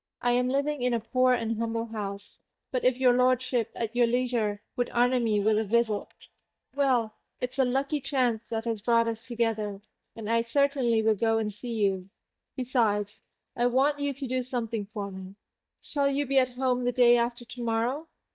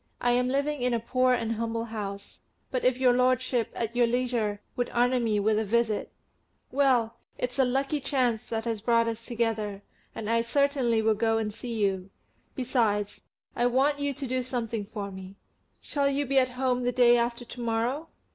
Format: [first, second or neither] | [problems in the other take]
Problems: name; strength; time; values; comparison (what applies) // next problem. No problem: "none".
second | noise reduction (neural mask model DeepFilterNet 3)